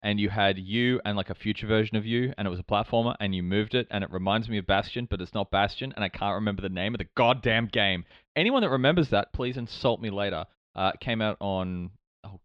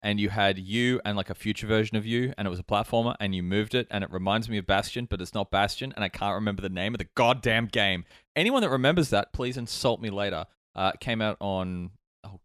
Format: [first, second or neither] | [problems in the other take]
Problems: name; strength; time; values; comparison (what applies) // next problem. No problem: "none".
second | muffled; very slightly; fading above 3.5 kHz